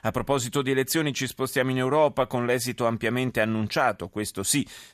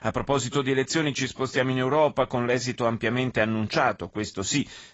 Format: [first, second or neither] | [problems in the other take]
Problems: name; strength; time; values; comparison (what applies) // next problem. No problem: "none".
first | garbled, watery; badly; nothing above 7.5 kHz